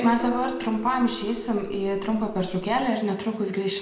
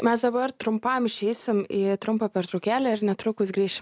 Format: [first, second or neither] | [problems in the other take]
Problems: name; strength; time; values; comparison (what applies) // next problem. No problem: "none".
second | background sound (Gong); 12 dB below the speech // room echo; dies away in 1 s